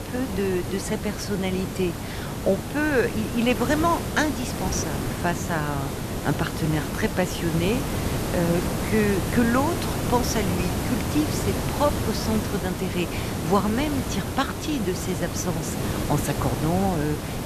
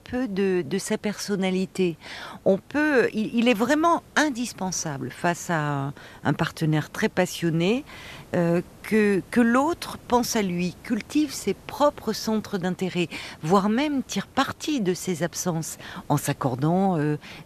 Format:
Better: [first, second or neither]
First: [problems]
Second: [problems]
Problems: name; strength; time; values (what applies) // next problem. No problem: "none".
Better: second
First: hiss; loud; throughout; 2 dB below the speech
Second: hiss; faint; throughout; 25 dB below the speech